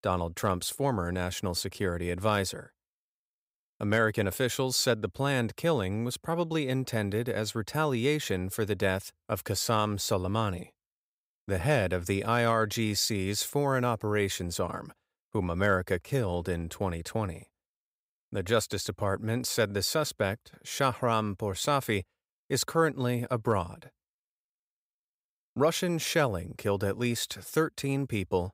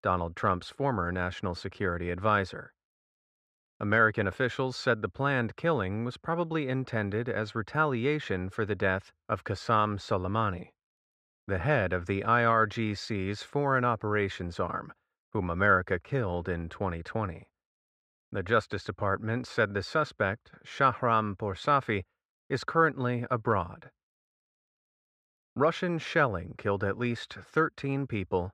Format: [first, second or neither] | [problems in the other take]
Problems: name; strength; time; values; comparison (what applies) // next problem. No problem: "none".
first | muffled; slightly; fading above 3 kHz